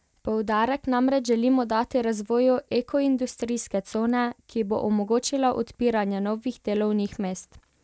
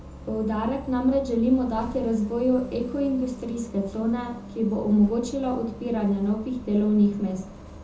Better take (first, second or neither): first